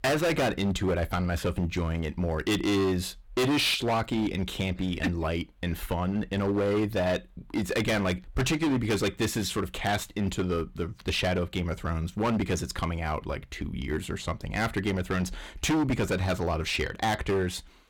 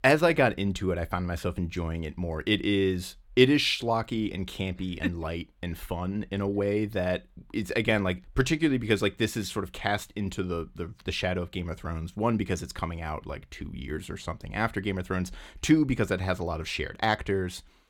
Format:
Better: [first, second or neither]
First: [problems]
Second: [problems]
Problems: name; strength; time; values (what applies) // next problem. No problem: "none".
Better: second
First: distortion; heavy; 15% of the sound clipped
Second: none